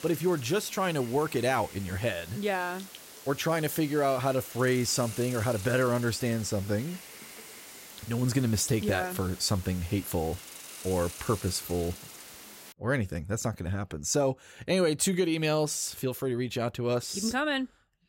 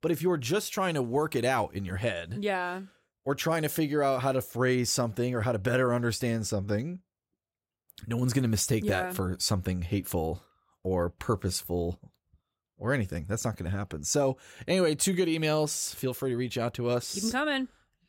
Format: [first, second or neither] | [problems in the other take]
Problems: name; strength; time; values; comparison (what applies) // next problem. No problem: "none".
second | hiss; noticeable; until 13 s; 15 dB below the speech